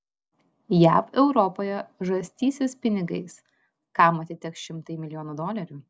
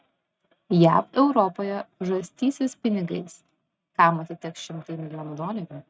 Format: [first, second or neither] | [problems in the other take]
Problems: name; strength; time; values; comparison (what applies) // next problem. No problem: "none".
first | noise reduction (neural mask model RNNoise)